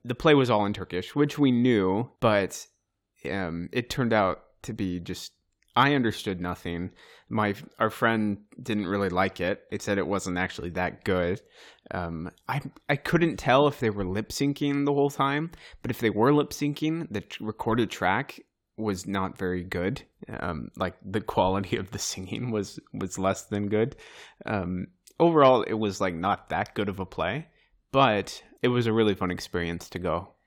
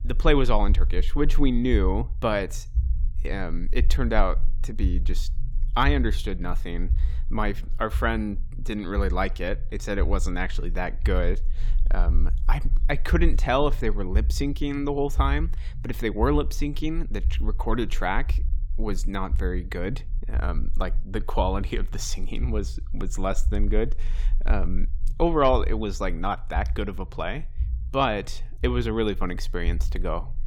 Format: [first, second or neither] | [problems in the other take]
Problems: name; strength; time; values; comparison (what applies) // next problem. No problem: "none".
first | low rumble; faint; throughout; 25 dB below the speech